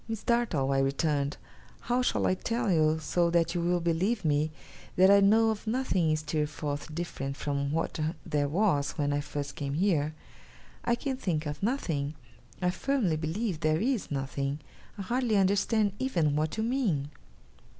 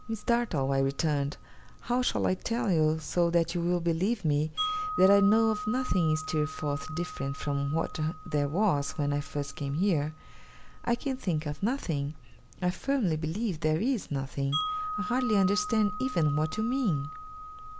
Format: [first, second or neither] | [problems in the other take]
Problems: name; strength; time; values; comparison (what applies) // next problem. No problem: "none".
first | background sound (Wind chime); 12 dB below the speech